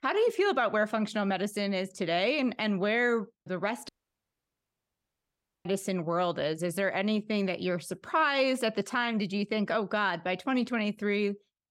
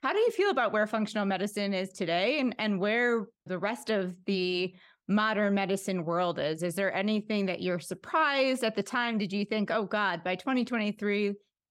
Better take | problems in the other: second | audio cutting out; at 4 s for 2 s

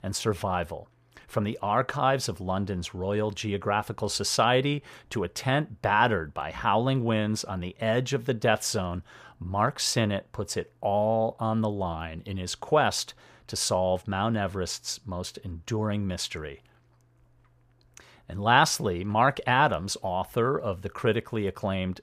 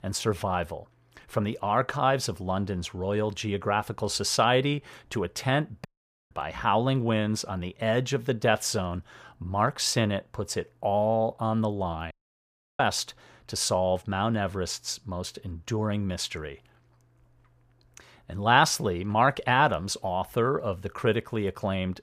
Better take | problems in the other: first | audio cutting out; at 6 s and at 12 s for 0.5 s

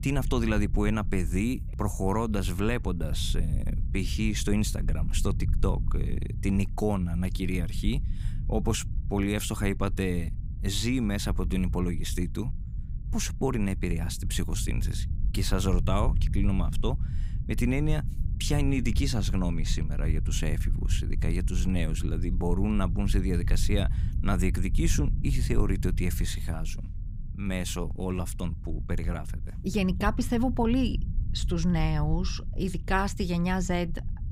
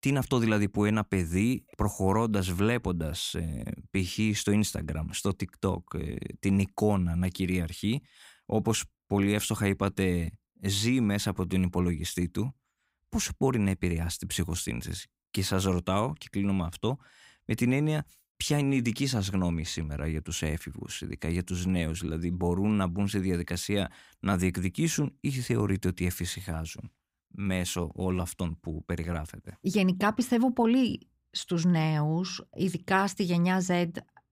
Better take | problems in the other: second | low rumble; noticeable; throughout; 15 dB below the speech

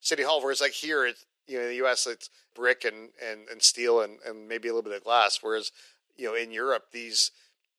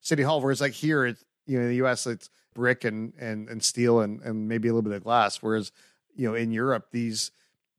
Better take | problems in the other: second | thin; very; fading below 450 Hz

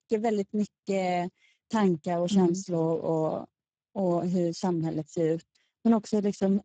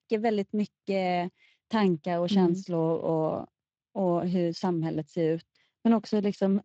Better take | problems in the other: second | garbled, watery; badly; nothing above 7.5 kHz; slightly in the second

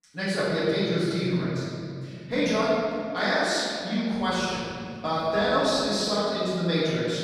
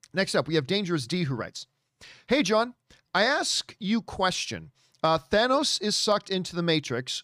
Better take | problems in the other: second | room echo; strong; dies away in 2.5 s // off-mic speech; far

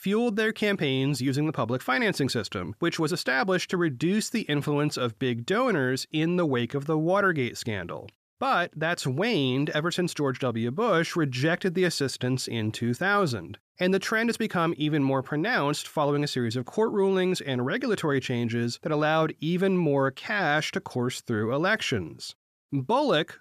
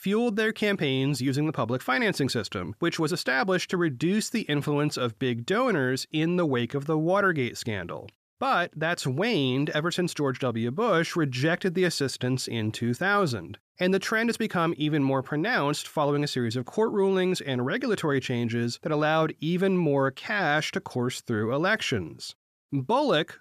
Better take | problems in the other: neither | none

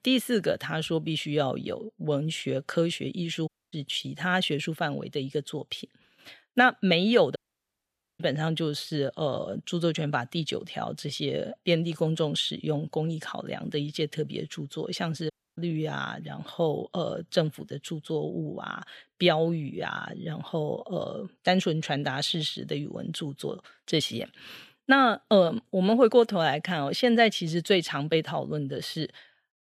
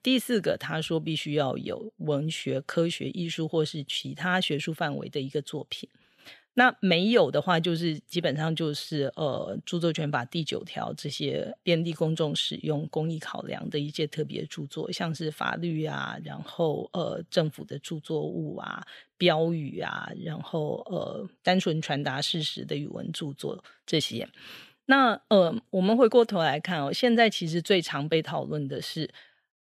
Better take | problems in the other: second | audio cutting out; at 3.5 s, at 7.5 s for 1 s and at 15 s

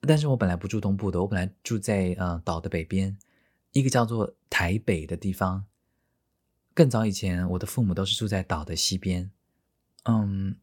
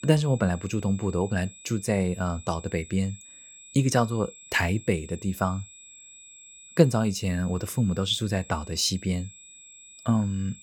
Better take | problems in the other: first | high-pitched whine; noticeable; throughout; 7.5 kHz, 20 dB below the speech

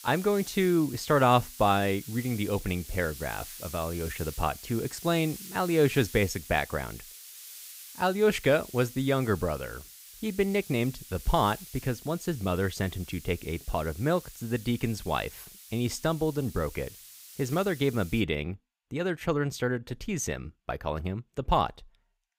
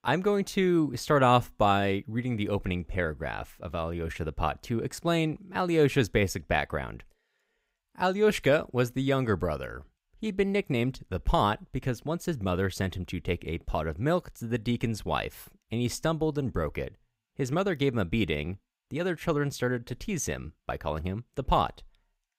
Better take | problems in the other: second | hiss; noticeable; until 18 s; 15 dB below the speech

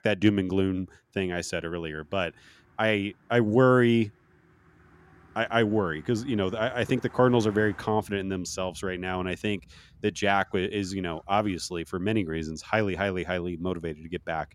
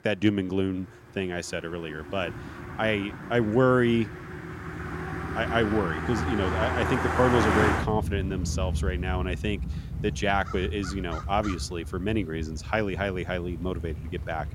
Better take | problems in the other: first | traffic noise; loud; throughout; 4 dB below the speech; faint in the first

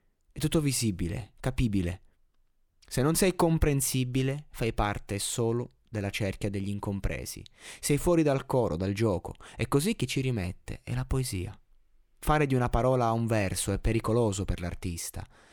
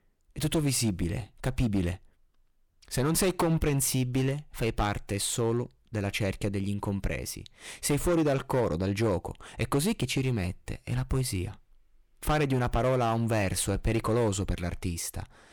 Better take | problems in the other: first | distortion; slight; 7% of the sound clipped

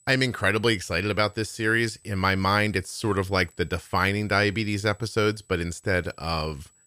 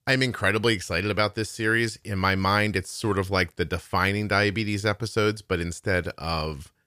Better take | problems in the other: second | high-pitched whine; faint; throughout; 8 kHz, 30 dB below the speech

